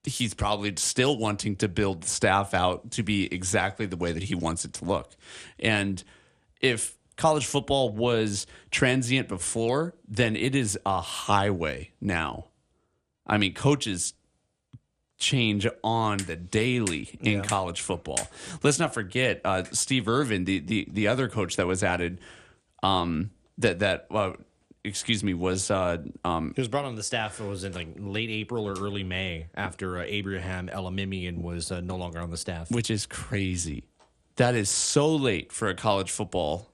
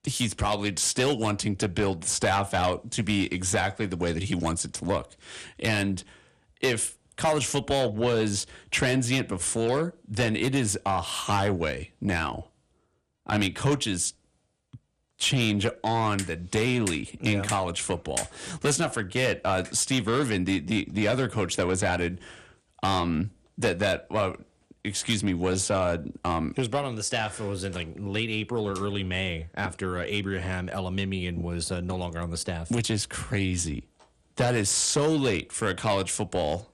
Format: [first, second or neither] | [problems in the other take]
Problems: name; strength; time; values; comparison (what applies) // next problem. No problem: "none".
first | distortion; slight; 10 dB below the speech